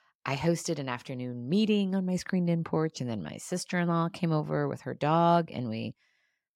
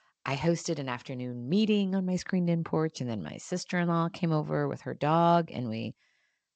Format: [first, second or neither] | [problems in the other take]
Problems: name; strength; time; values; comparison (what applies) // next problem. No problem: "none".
first | garbled, watery; slightly; nothing above 7.5 kHz